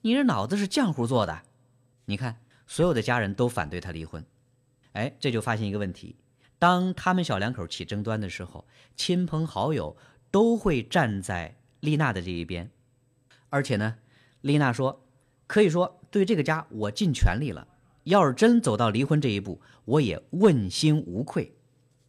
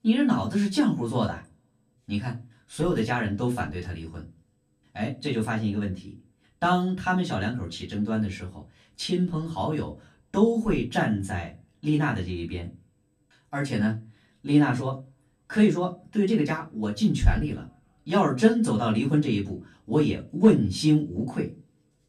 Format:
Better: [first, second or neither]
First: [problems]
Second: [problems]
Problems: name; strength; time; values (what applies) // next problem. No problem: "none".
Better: first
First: none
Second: off-mic speech; far // room echo; very slight; dies away in 0.2 s